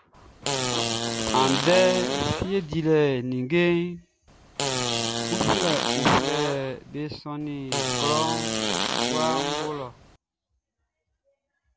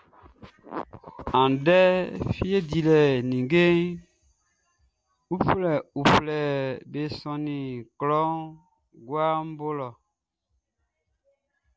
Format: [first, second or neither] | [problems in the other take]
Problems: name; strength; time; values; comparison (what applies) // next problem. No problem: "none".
second | background sound (Fart); 1 dB below the speech